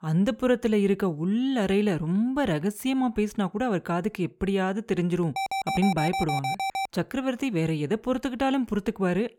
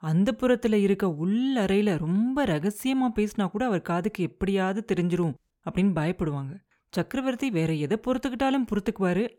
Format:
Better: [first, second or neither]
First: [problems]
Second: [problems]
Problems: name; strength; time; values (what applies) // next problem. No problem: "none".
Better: second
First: alarm; noticeable; from 5.5 to 7 s; peak 2 dB below the speech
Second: none